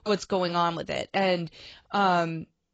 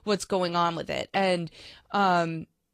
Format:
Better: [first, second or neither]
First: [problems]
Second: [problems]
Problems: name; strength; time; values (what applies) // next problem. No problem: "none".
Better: second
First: garbled, watery; badly; nothing above 7.5 kHz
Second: garbled, watery; slightly; nothing above 14.5 kHz